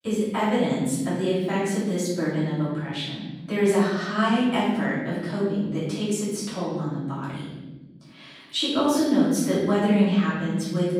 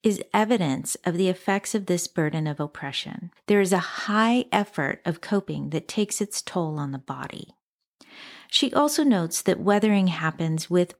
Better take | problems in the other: second | off-mic speech; far // room echo; strong; dies away in 1.6 s

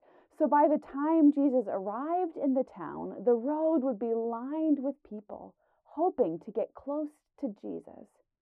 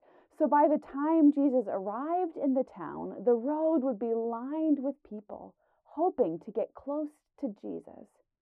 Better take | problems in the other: neither | muffled; very; fading above 2 kHz; the same in both

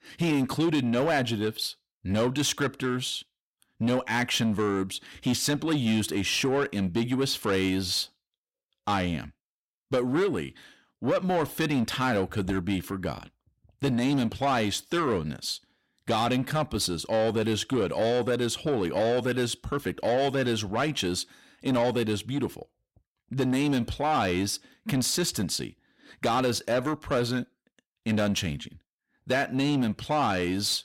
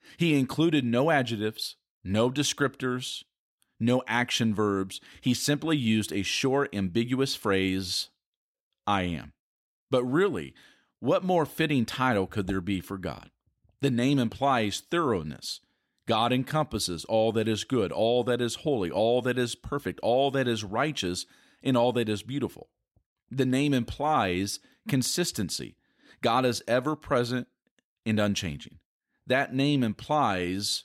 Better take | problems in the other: second | distortion; slight; 10 dB below the speech

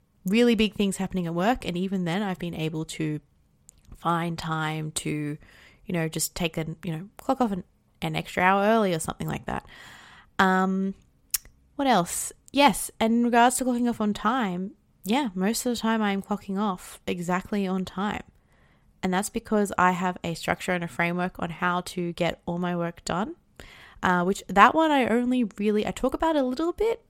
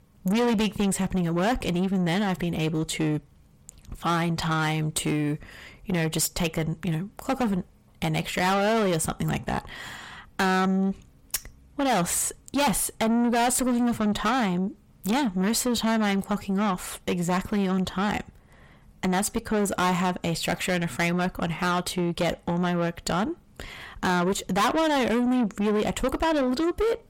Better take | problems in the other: first | distortion; heavy; 5 dB below the speech

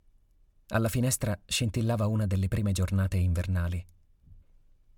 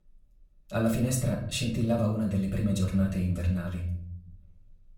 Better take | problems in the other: first | off-mic speech; far // room echo; slight; dies away in 0.6 s

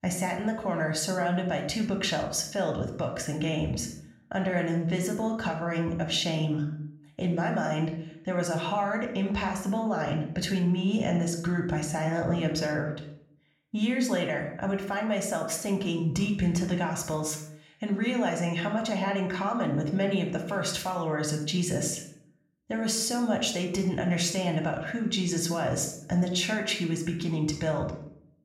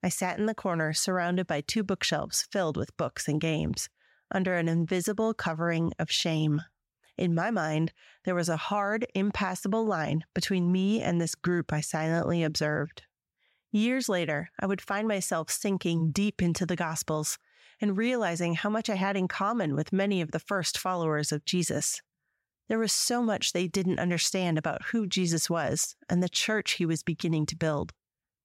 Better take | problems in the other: second | room echo; slight; dies away in 0.6 s

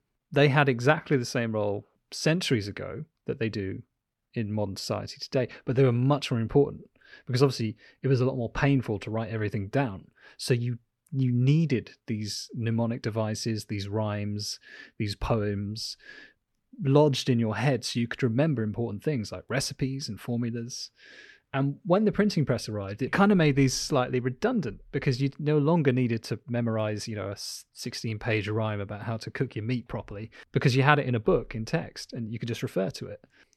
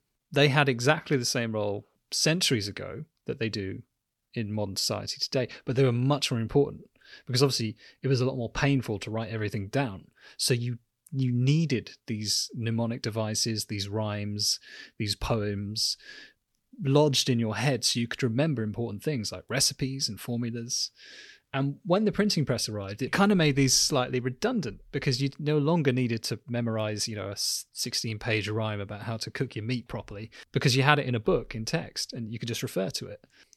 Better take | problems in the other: second | muffled; slightly; fading above 3 kHz

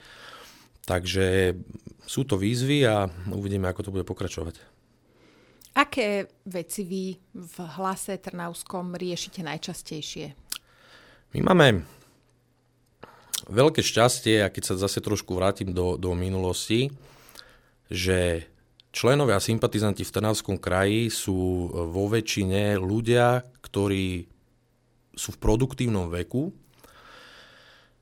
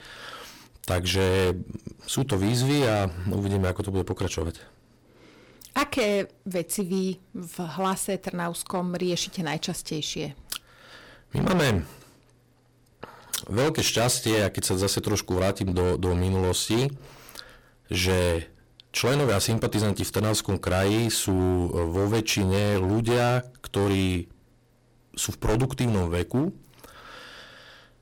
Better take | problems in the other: first | distortion; heavy; 12% of the sound clipped

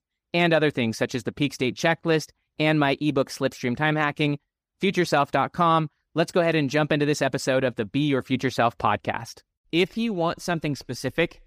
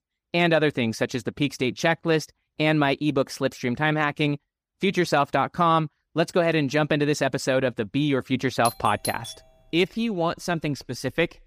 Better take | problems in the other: first | doorbell; noticeable; at 8.5 s; peak 9 dB below the speech

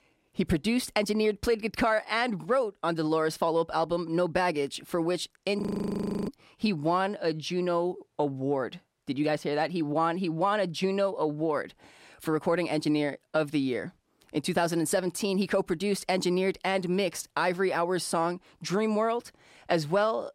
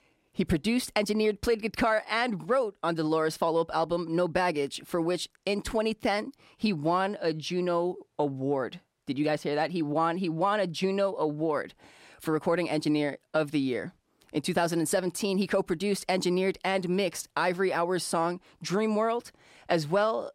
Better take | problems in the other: second | audio freezing; at 5.5 s for 0.5 s

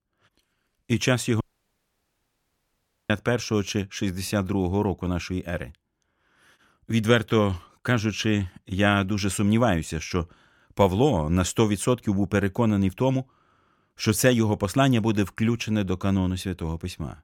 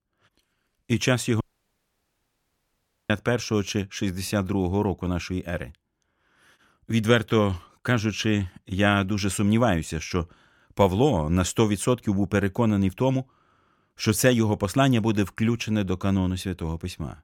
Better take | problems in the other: neither | audio cutting out; at 1.5 s for 1.5 s; the same in both

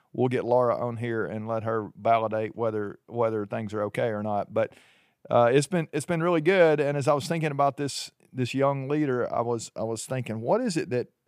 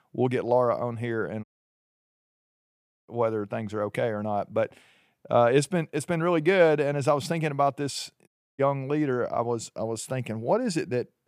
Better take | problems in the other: first | audio cutting out; at 1.5 s for 1.5 s and at 8.5 s

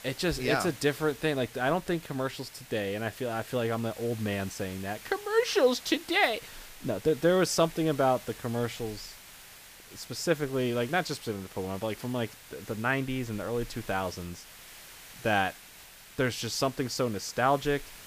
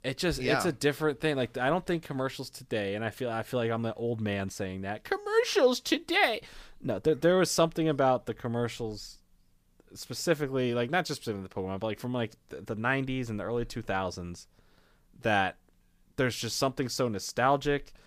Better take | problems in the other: second | hiss; noticeable; throughout; 15 dB below the speech

